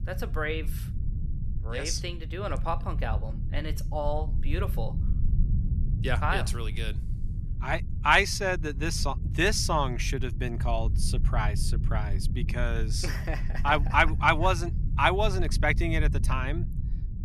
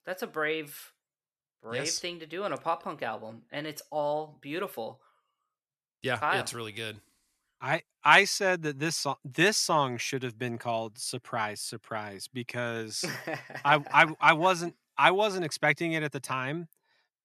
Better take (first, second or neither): second